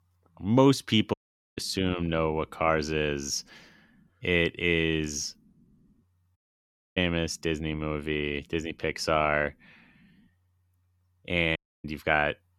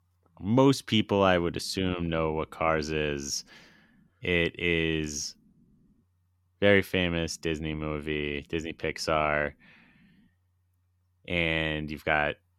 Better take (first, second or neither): second